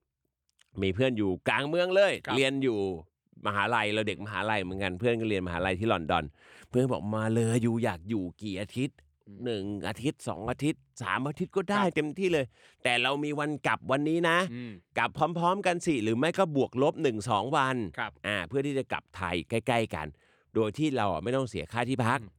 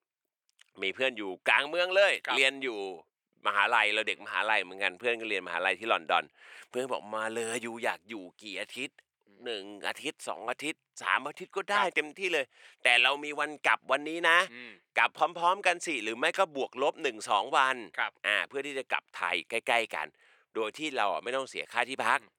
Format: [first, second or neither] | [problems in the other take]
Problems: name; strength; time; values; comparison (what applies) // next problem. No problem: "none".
first | thin; very; fading below 600 Hz